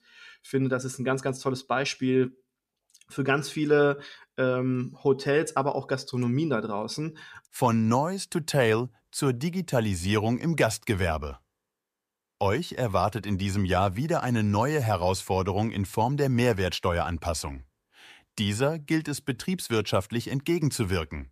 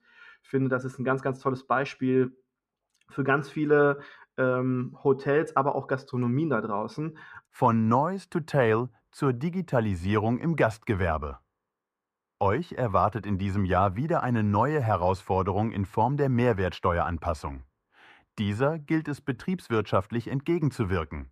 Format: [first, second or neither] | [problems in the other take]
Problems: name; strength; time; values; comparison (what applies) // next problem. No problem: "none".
first | muffled; very; fading above 3 kHz